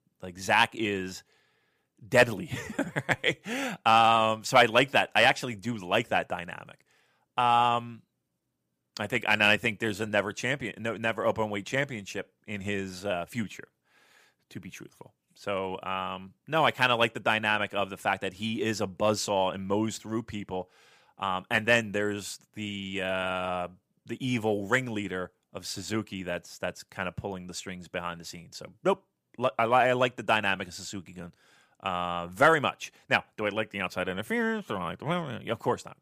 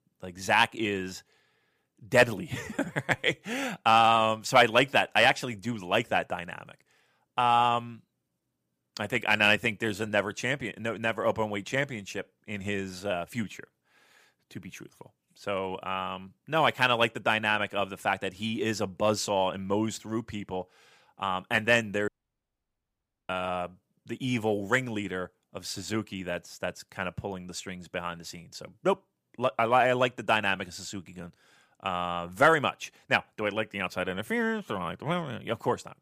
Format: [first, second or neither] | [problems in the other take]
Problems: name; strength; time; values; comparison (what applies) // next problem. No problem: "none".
first | audio cutting out; at 22 s for 1 s